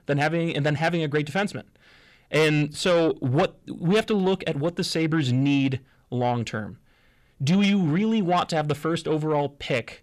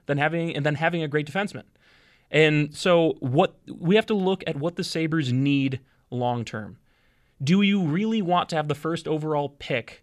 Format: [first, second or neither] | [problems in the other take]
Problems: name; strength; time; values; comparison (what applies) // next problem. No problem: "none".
second | distortion; slight; 10 dB below the speech